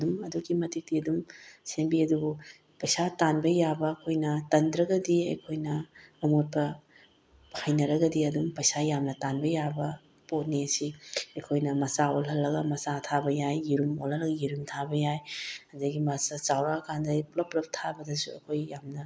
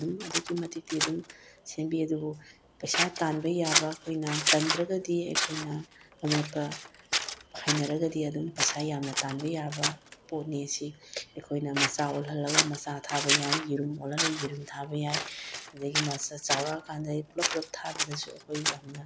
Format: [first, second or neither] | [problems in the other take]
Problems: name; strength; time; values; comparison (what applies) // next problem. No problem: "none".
first | background sound (Scissors); 1 dB below the speech